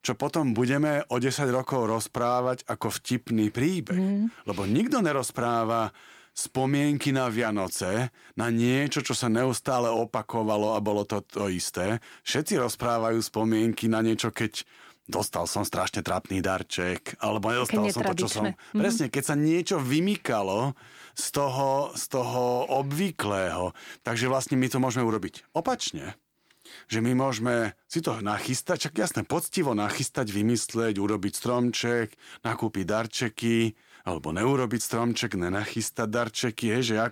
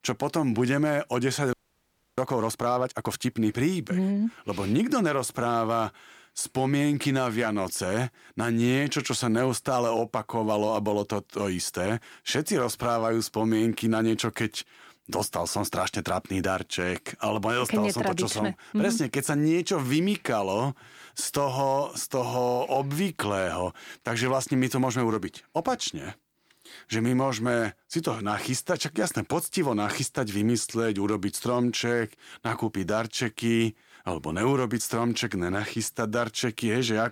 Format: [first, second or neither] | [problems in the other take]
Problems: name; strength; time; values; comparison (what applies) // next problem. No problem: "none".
first | audio freezing; at 1.5 s for 0.5 s